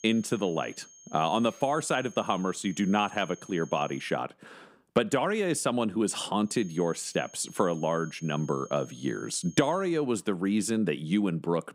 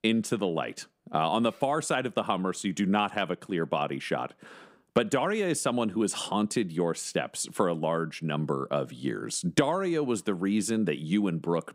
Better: second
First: high-pitched whine; faint; until 4 s and from 6.5 to 10 s; 6.5 kHz, 20 dB below the speech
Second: none

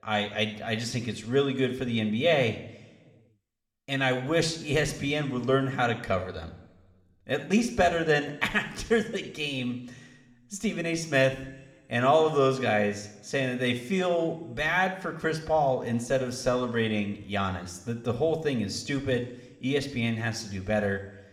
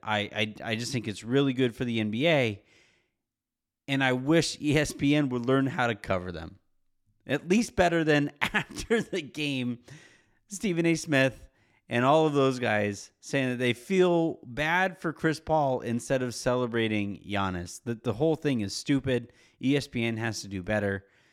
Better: second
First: room echo; very slight; dies away in 0.8 s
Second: none

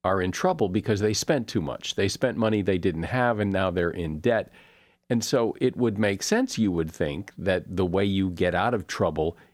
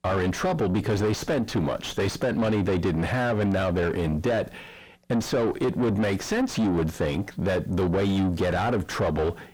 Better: first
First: none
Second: distortion; heavy; 5 dB below the speech

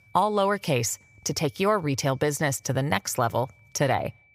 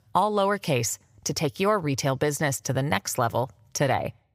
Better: second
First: high-pitched whine; faint; throughout; 2.5 kHz, 30 dB below the speech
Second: none

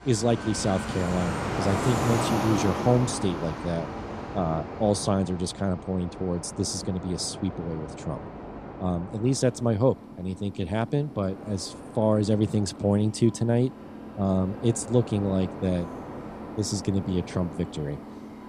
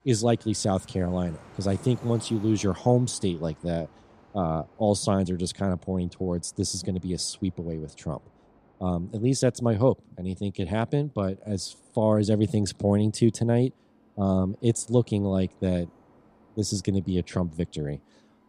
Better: second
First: train or aircraft noise; loud; throughout; 8 dB below the speech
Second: train or aircraft noise; faint; throughout; 30 dB below the speech

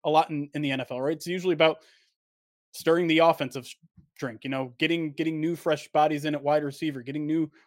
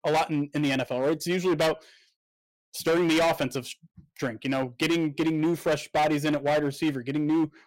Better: first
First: none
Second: distortion; heavy; 13% of the sound clipped

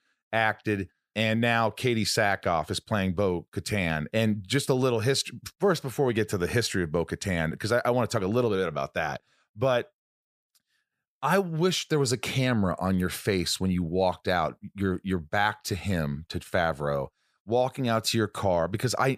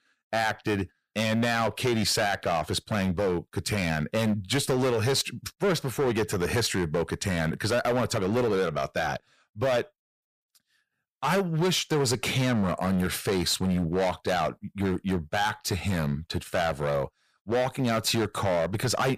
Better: first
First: none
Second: distortion; heavy; 13% of the sound clipped

